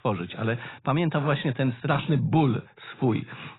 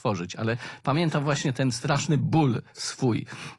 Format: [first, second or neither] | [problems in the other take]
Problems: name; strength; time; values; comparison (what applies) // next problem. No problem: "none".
second | garbled, watery; badly; nothing above 4 kHz; slightly in the second